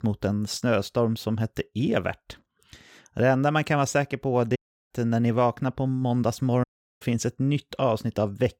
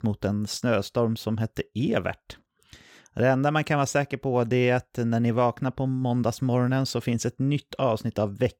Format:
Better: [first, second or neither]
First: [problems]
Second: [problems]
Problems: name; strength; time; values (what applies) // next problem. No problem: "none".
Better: second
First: audio cutting out; at 4.5 s and at 6.5 s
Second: none